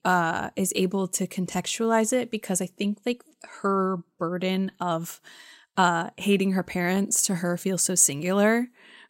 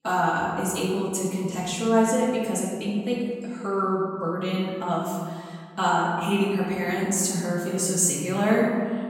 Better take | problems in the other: first | room echo; noticeable; dies away in 1.9 s // off-mic speech; far

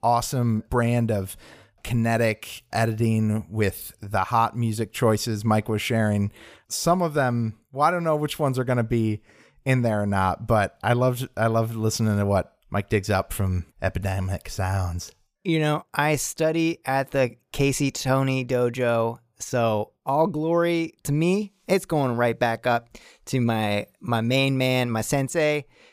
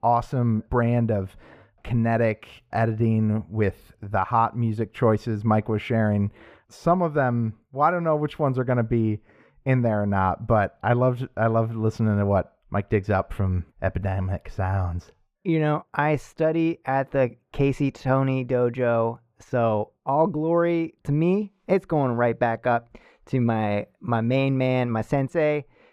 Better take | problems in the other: first | muffled; very; fading above 3.5 kHz

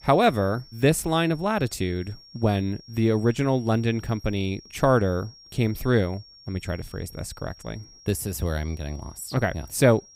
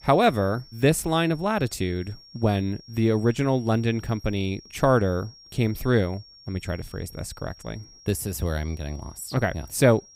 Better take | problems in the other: neither | high-pitched whine; faint; throughout; 5.5 kHz, 20 dB below the speech; the same in both

